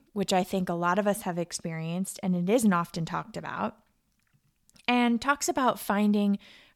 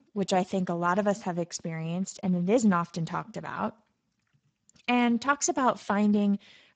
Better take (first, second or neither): first